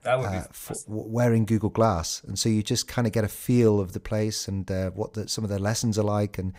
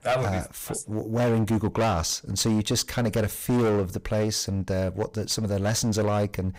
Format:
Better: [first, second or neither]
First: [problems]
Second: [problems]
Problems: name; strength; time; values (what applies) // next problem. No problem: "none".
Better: first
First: none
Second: distortion; heavy; 16% of the sound clipped